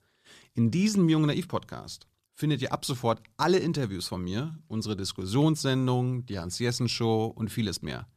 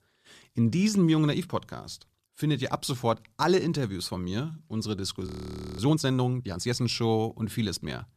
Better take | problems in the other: first | audio freezing; at 5.5 s for 0.5 s

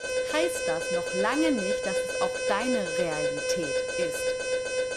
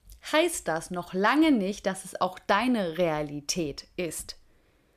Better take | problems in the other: second | alarm; loud; peak 4 dB above the speech

